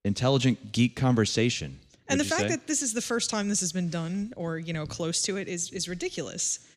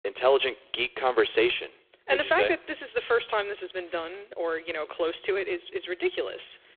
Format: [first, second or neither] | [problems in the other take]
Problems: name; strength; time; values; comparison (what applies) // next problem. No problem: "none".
first | phone-call audio; poor line